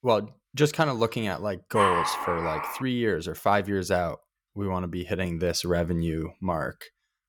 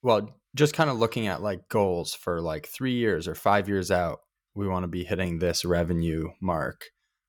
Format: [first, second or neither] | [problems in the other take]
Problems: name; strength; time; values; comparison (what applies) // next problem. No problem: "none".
second | dog barking; loud; from 2 to 3 s; peak 4 dB above the speech